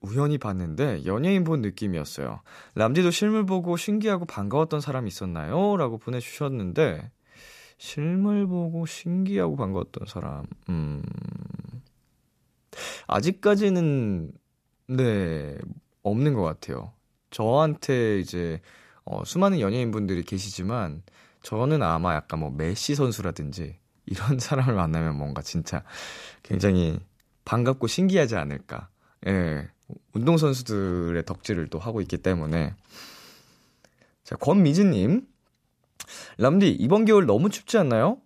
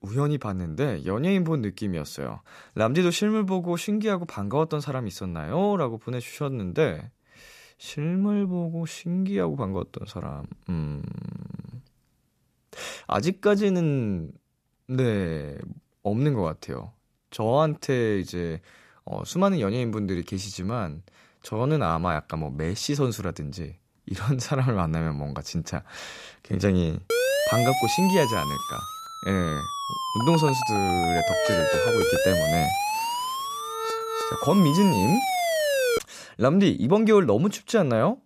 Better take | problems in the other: first | siren; loud; from 27 to 36 s; peak 4 dB above the speech

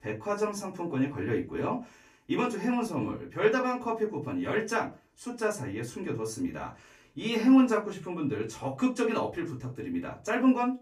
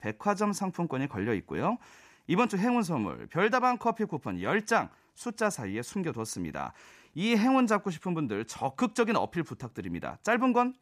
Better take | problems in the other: second | off-mic speech; far // room echo; very slight; dies away in 0.2 s

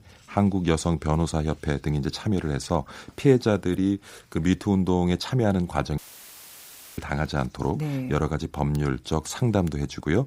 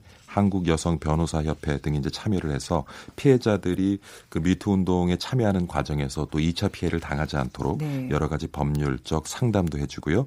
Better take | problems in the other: second | audio cutting out; filled with static; at 6 s for 1 s

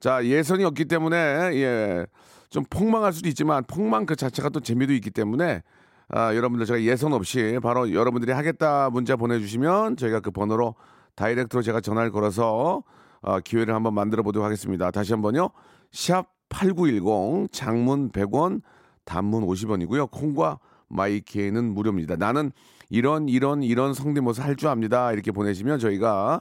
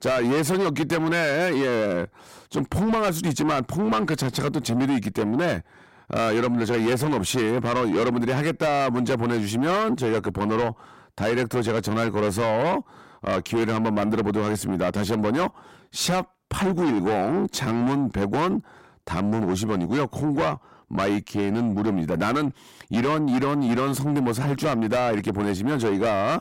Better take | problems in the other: first | distortion; heavy; 7 dB below the speech

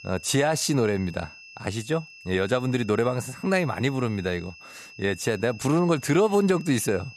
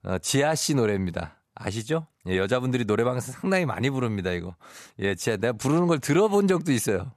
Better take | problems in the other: second | high-pitched whine; noticeable; throughout; 2.5 kHz, 20 dB below the speech

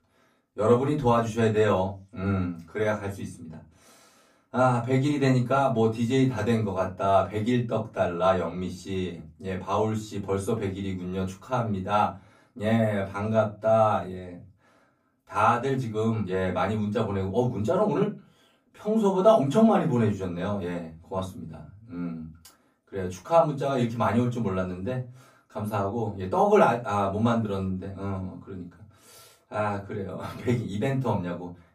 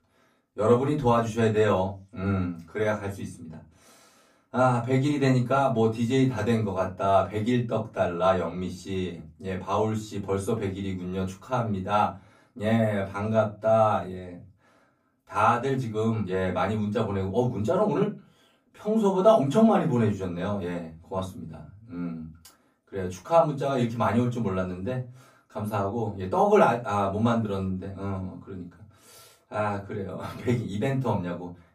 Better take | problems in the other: neither | off-mic speech; far; the same in both // room echo; very slight; dies away in 0.3 s; the same in both

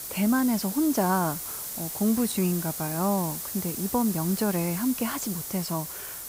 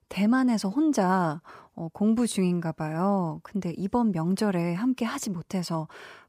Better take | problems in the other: second | hiss; loud; throughout; 5 dB below the speech

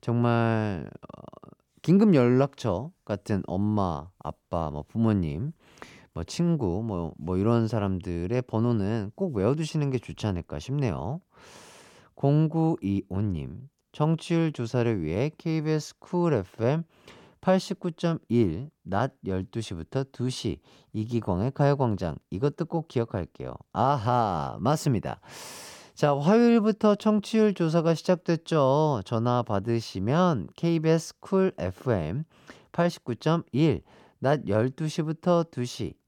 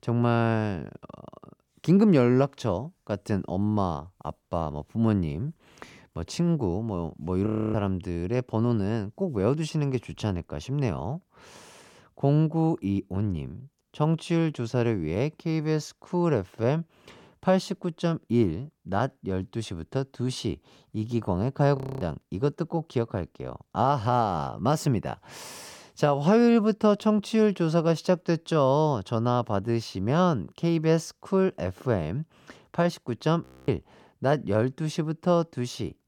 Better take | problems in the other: first | audio freezing; at 7.5 s, at 22 s and at 33 s

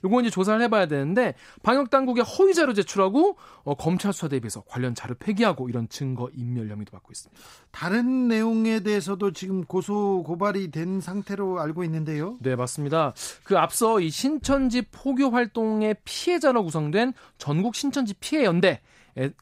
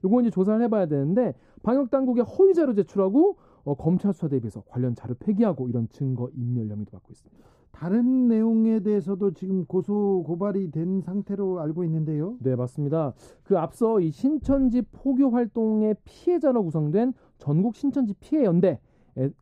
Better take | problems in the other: first | muffled; very; fading above 1 kHz

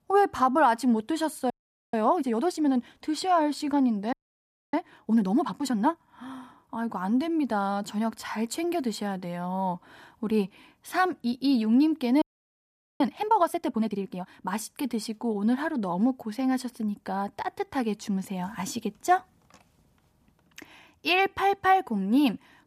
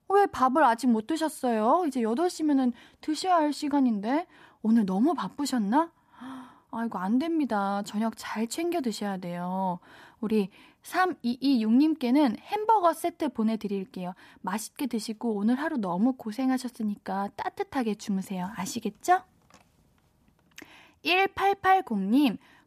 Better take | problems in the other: second | audio freezing; at 1.5 s, at 4 s for 0.5 s and at 12 s for 1 s

